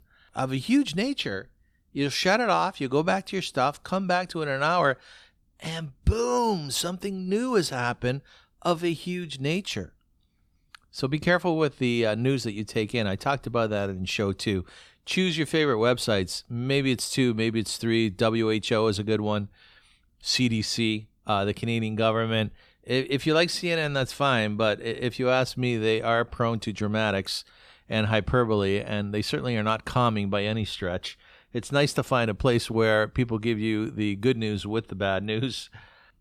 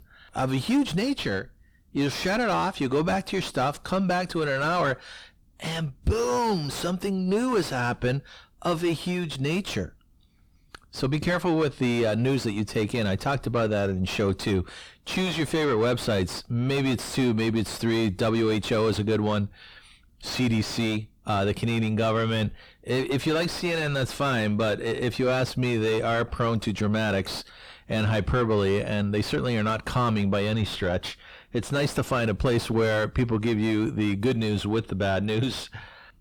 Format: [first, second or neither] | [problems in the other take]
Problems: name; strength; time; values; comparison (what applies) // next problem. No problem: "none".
first | distortion; heavy; 5 dB below the speech